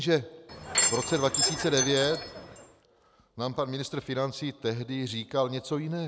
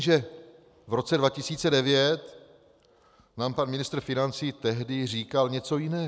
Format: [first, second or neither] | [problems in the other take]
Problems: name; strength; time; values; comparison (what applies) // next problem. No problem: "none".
second | background sound (Door / Chime); as loud as the speech